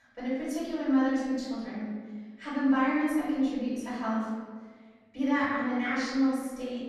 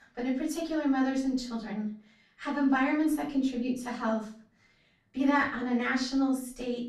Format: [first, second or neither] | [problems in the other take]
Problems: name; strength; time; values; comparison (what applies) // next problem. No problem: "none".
second | room echo; strong; dies away in 1.4 s; slight in the second // off-mic speech; far; far in the second